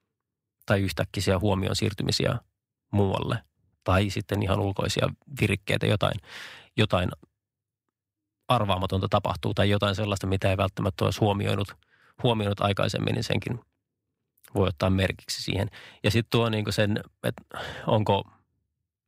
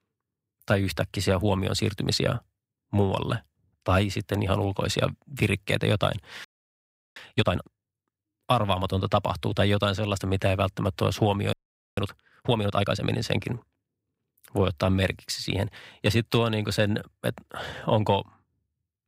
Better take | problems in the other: first | audio freezing; at 6.5 s for 0.5 s and at 12 s

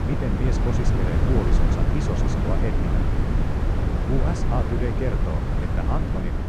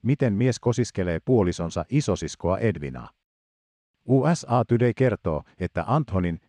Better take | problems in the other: second | wind noise on the microphone; heavy; 2 dB above the speech

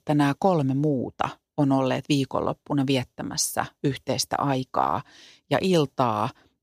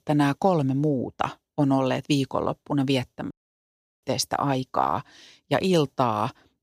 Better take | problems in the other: first | audio cutting out; at 3.5 s for 0.5 s

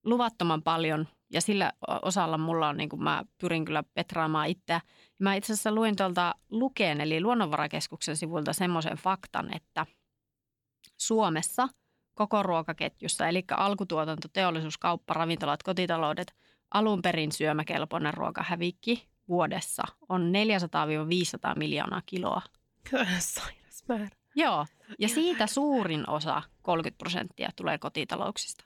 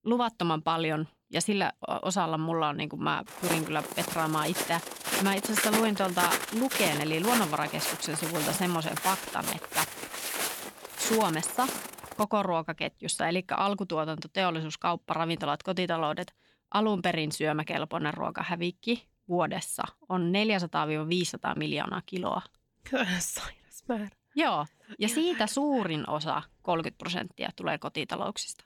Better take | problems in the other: first | footsteps; loud; from 3.5 to 12 s; peak 3 dB above the speech

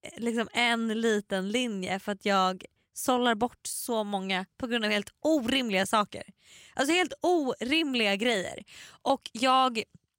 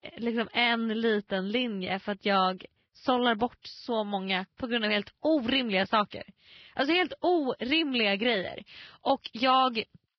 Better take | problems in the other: first | garbled, watery; badly

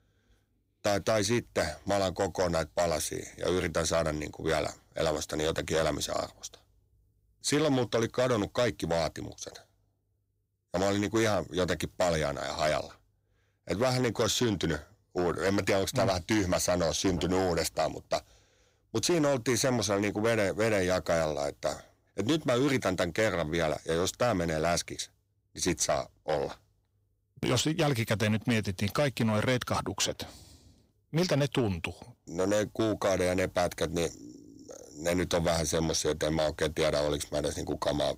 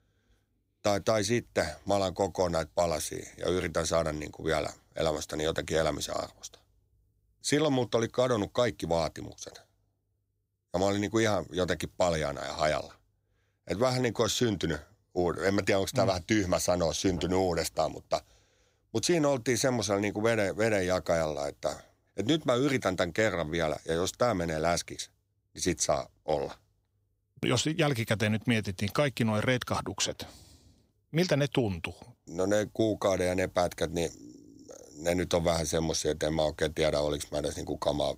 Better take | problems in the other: second | distortion; slight; 7% of the sound clipped

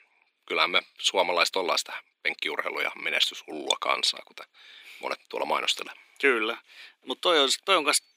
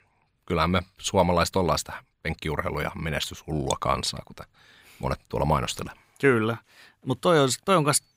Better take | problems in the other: second | thin; somewhat; fading below 300 Hz

